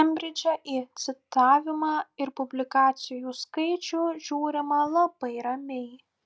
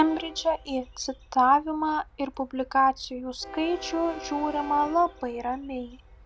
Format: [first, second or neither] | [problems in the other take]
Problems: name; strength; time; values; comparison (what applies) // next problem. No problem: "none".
first | background sound (Train); 17 dB below the speech